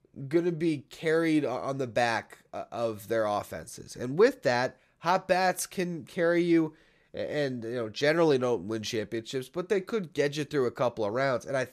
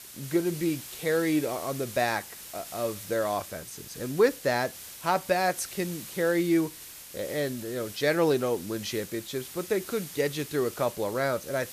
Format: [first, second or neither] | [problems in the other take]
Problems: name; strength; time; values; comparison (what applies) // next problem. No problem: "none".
first | hiss; noticeable; throughout; 10 dB below the speech